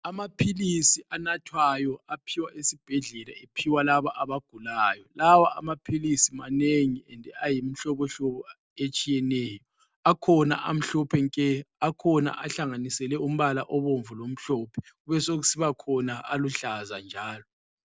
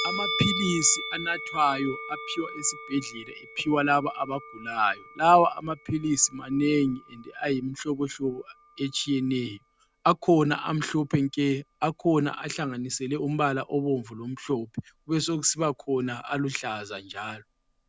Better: first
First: none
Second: background sound (Musical instrument); 13 dB below the speech

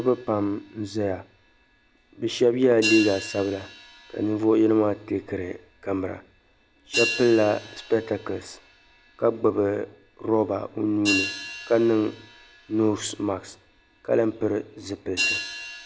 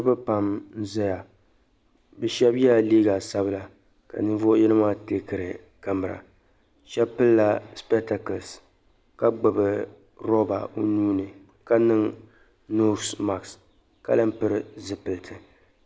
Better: second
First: background sound (Hi-hat); 10 dB below the speech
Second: none

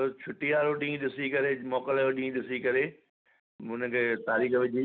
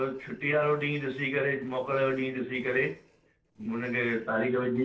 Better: first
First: none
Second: noise reduction (neural separator model SepFormer DNS4)

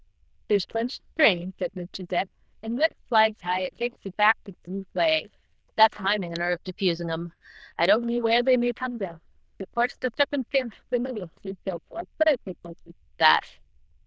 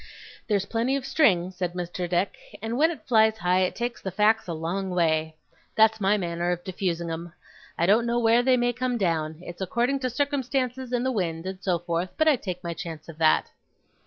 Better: second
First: noise reduction (neural diffusion model UNIVERSE++)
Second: none

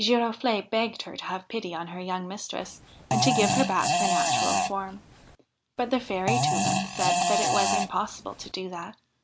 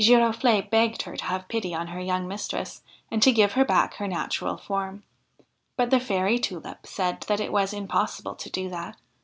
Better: second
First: background sound (Fart); 3 dB above the speech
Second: none

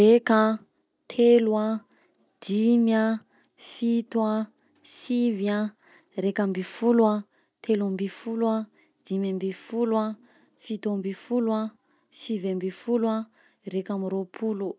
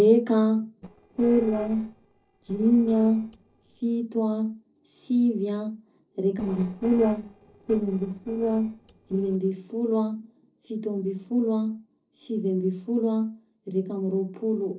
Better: first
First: none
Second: noise reduction (neural separator model SepFormer DNS4)

